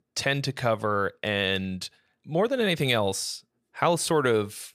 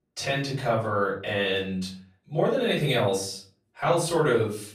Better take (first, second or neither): first